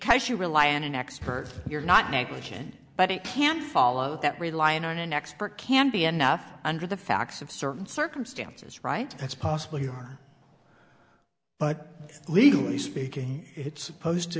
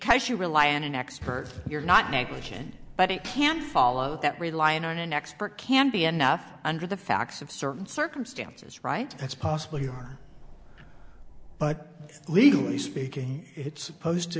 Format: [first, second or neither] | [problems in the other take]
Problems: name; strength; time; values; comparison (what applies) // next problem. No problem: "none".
first | background sound (Tick-tock); 16 dB below the speech